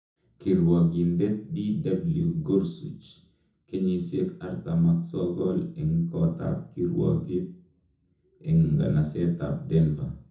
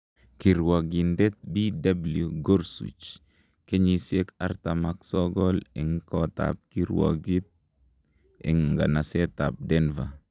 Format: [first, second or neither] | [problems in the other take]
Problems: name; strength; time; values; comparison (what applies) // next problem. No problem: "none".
second | room echo; dies away in 0.5 s